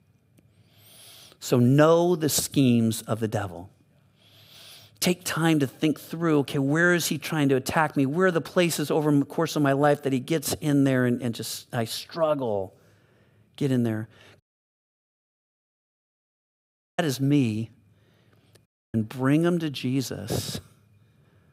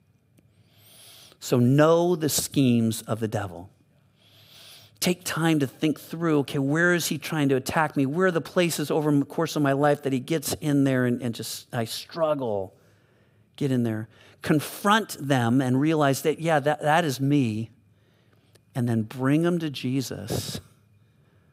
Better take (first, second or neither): second